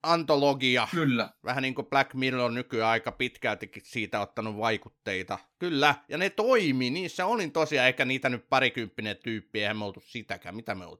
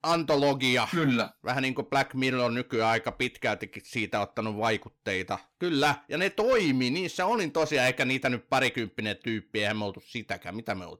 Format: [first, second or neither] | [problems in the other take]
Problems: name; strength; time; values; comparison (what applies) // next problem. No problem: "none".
first | distortion; slight; 10 dB below the speech